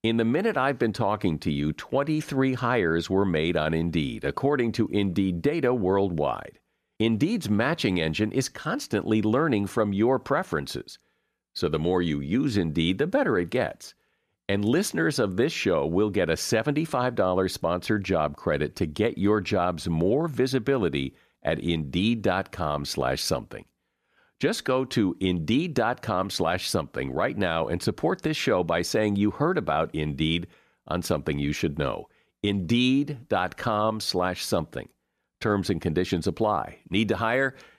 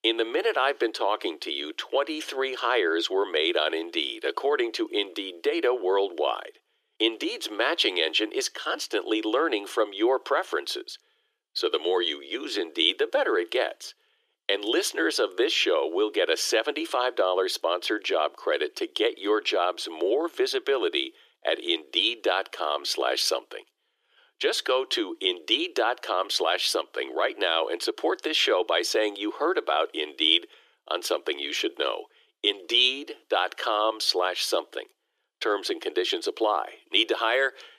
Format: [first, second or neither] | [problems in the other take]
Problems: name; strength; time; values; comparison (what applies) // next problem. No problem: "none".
first | thin; very; fading below 350 Hz